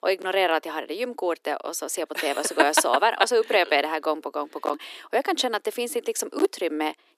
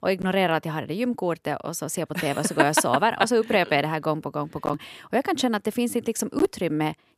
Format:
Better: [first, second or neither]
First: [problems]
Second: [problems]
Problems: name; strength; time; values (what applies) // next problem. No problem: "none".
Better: second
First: thin; somewhat; fading below 300 Hz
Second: none